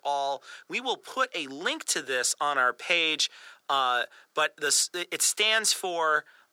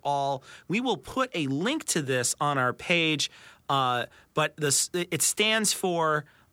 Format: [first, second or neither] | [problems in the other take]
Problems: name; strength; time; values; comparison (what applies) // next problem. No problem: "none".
second | thin; very; fading below 500 Hz